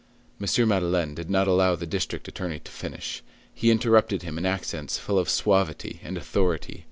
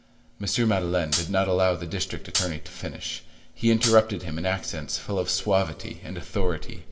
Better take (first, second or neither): first